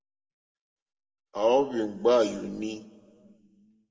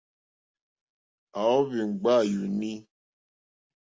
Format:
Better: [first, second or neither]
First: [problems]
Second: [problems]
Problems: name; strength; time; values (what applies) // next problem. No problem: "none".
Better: second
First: room echo; dies away in 0.9 s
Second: none